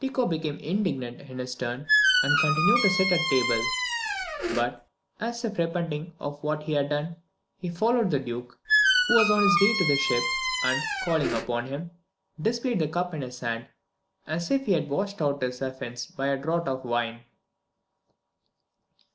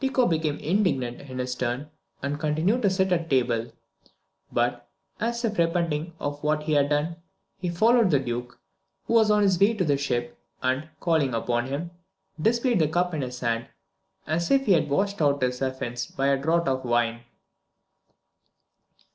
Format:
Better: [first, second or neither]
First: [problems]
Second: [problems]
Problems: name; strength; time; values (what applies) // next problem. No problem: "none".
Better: second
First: background sound (Squeak); 3 dB above the speech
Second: none